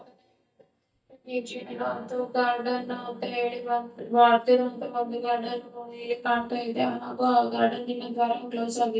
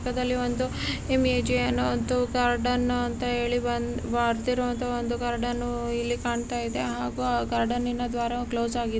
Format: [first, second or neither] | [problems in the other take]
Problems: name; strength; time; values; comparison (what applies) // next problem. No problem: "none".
second | noise reduction (neural mask model DeepFilterNet 3)